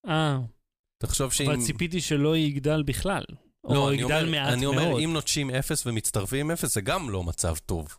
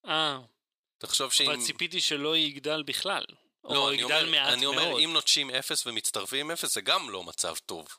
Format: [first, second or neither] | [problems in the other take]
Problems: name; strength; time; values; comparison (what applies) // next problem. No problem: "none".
first | thin; somewhat; fading below 400 Hz